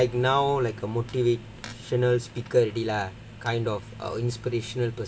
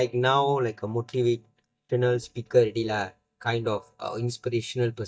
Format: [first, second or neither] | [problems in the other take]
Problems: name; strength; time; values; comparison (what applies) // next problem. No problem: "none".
first | noise reduction (neural mask model DeepFilterNet 3)